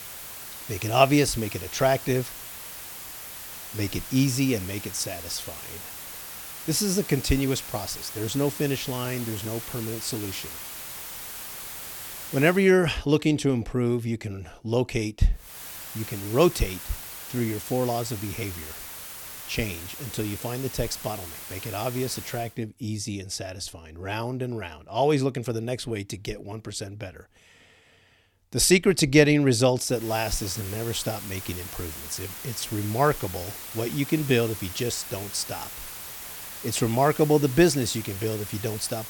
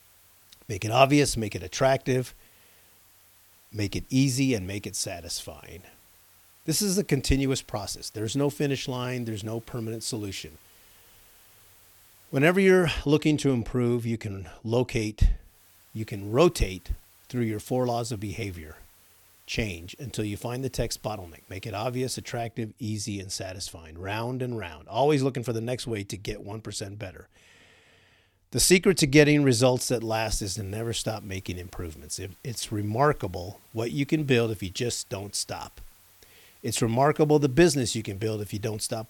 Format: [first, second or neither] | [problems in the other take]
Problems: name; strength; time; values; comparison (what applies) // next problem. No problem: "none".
second | hiss; loud; until 13 s, from 15 to 22 s and from 30 s on; 10 dB below the speech; faint in the second